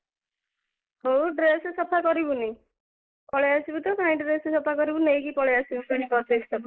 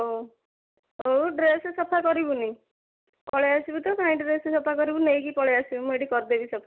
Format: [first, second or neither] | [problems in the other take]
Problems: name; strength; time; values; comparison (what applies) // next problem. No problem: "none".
second | noise reduction (neural mask model Resemble Enhance denoiser)